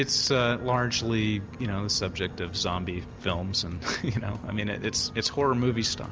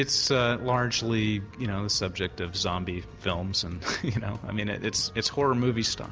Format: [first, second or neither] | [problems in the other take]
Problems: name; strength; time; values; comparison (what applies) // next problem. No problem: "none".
second | background sound (Boat, Water vehicle); 15 dB below the speech